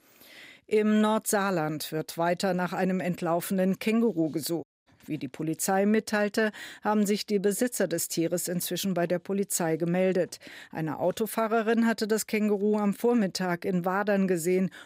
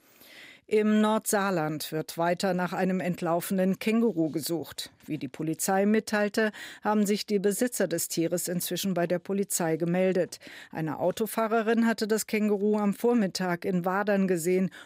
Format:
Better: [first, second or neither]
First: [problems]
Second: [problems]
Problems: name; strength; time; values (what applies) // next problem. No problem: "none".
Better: second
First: audio cutting out; at 4.5 s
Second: none